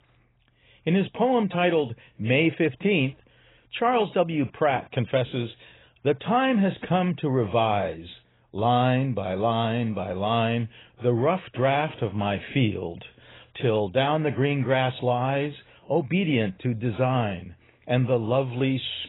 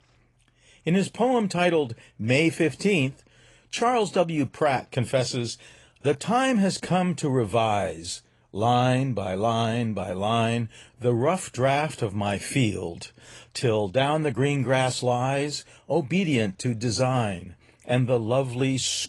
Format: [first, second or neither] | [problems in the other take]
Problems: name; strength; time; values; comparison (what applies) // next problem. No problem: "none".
second | garbled, watery; badly; nothing above 4 kHz; slightly in the second